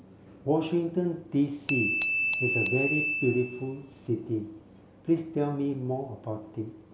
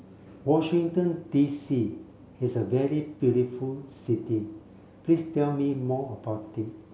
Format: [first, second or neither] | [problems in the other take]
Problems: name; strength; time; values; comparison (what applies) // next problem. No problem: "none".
second | background sound (Glass / Bell); 2 dB below the speech